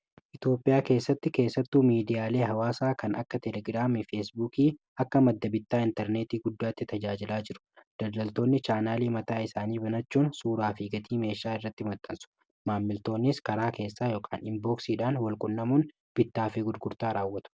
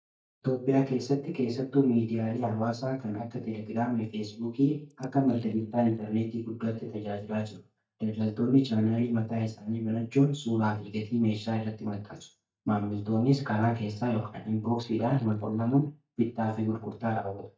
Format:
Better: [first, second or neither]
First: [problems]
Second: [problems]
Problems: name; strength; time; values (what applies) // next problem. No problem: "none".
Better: first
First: none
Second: noise reduction (neural mask model DeepFilterNet 3)